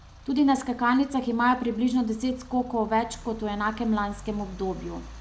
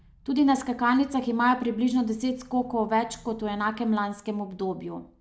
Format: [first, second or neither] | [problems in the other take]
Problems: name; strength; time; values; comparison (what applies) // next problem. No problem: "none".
second | background sound (Idling / Engine starting / Accelerating, revving, vroom / Car); 18 dB below the speech